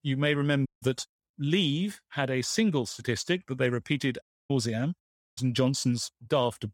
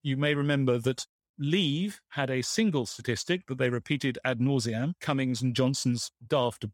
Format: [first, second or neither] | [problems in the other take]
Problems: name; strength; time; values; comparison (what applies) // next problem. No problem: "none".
second | audio cutting out; at 0.5 s, at 4 s and at 5 s